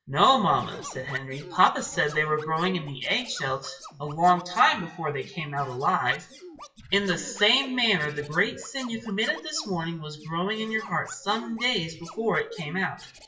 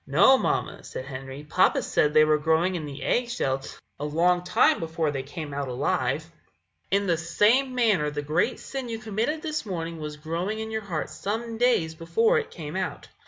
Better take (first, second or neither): second